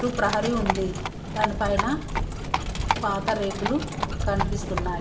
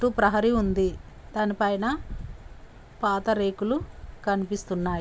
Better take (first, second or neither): second